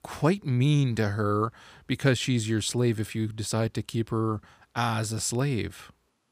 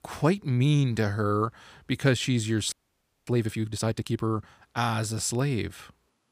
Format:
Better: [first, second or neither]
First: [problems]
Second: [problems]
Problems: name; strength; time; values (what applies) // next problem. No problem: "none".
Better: first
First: none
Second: audio freezing; at 2.5 s for 0.5 s